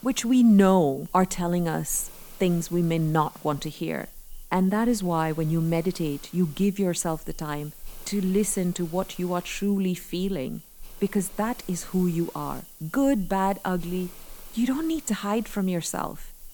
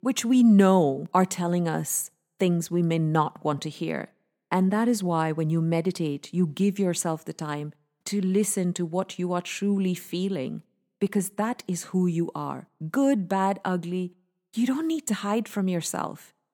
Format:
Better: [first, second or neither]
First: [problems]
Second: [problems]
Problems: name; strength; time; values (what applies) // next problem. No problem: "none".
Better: second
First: hiss; noticeable; throughout; 20 dB below the speech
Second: none